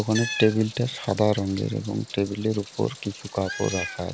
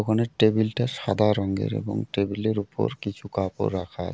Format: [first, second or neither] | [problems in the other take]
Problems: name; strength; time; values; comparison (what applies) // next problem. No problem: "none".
second | background sound (Meow); 12 dB below the speech